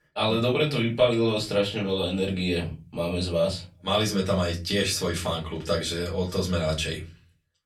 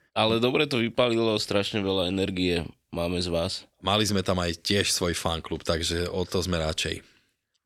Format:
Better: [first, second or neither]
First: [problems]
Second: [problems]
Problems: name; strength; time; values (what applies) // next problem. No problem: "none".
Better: second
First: off-mic speech; far // room echo; very slight; dies away in 0.3 s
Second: none